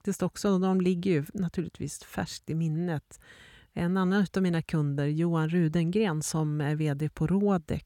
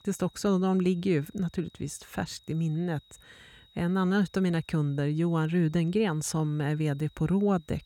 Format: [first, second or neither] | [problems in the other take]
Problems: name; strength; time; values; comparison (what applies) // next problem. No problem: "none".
first | high-pitched whine; faint; throughout; 4 kHz, 30 dB below the speech